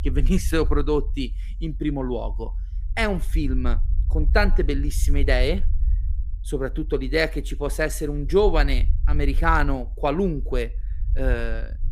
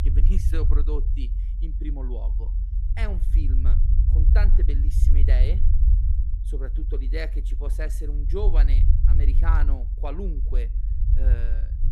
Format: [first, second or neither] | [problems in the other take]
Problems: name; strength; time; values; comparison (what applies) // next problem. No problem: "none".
first | low rumble; loud; throughout; 6 dB below the speech; faint in the first